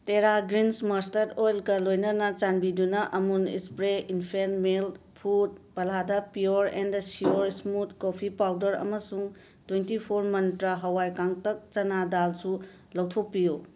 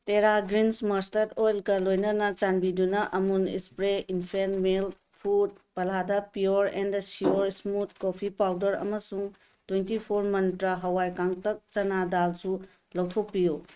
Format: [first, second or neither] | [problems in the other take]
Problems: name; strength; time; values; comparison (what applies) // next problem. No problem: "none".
first | noise reduction (neural mask model RNNoise)